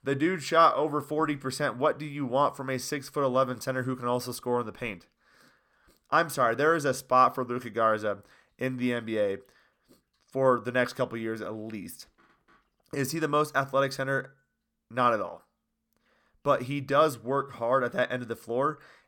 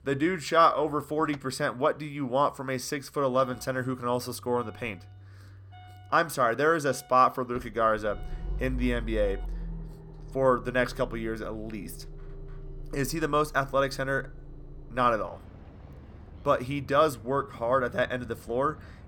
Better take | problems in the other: first | traffic noise; noticeable; throughout; 15 dB below the speech

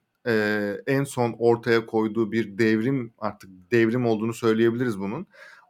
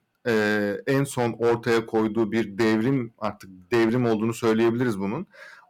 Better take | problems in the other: first | distortion; slight; 7% of the sound clipped

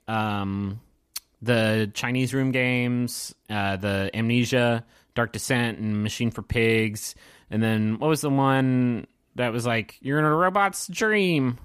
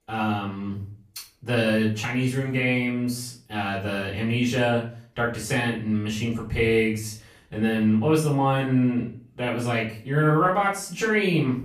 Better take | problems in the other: first | off-mic speech; far // room echo; slight; dies away in 0.4 s

